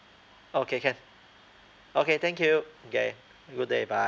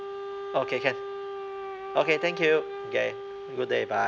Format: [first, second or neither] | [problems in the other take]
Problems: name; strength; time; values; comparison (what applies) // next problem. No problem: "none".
first | background sound (Wind instrument, woodwind instrument); 8 dB below the speech